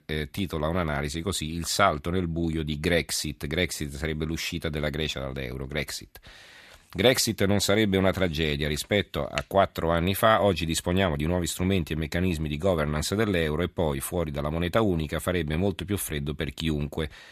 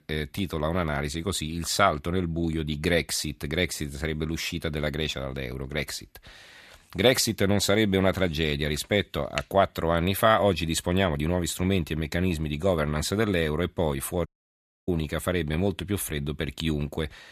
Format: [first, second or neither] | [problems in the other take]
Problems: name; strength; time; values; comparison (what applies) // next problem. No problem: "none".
first | audio cutting out; at 14 s for 0.5 s